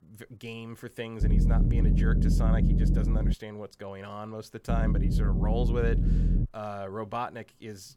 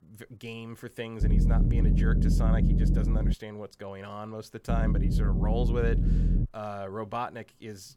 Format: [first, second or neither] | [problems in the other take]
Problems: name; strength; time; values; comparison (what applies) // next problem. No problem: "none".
neither | low rumble; loud; from 1 to 3.5 s and from 4.5 to 6.5 s; 1 dB below the speech; the same in both